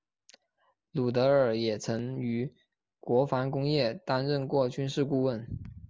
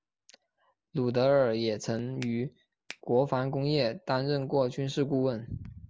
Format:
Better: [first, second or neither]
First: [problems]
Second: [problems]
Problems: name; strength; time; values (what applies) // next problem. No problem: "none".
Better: first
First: none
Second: background sound (Finger snapping); 18 dB below the speech